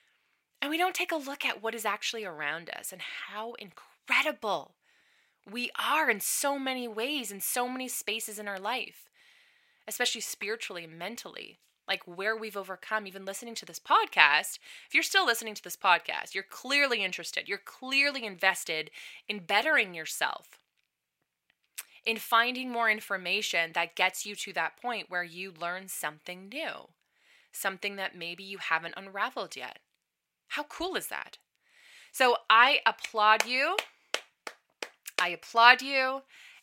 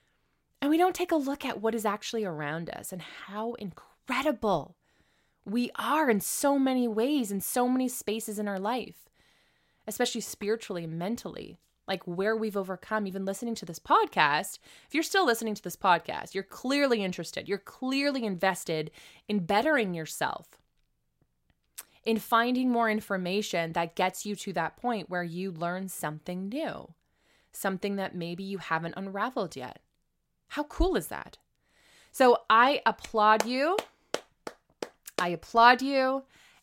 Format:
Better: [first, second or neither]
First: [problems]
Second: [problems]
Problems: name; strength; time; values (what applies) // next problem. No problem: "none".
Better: second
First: thin; somewhat; fading below 1 kHz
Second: none